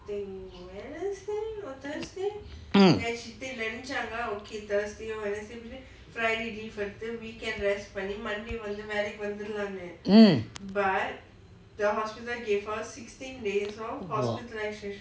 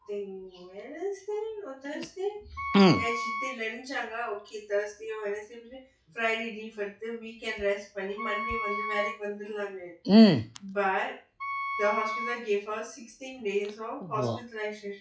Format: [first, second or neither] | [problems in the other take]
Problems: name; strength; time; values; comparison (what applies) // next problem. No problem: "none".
first | noise reduction (classical method log-MMSE)